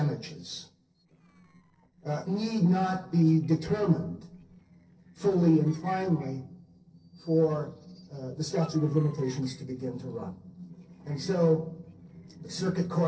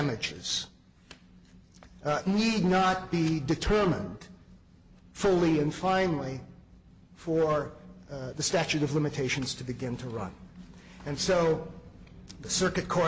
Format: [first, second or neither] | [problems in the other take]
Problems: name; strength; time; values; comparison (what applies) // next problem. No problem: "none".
second | noise reduction (neural separator model SepFormer DNS4)